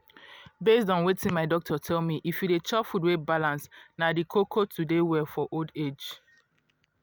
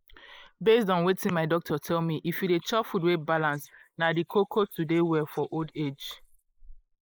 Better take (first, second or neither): first